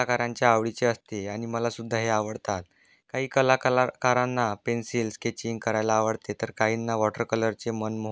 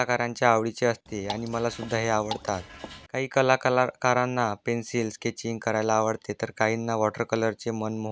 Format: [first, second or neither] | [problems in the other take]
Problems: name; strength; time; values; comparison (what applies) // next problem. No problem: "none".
first | background sound (Drip / Water); 14 dB below the speech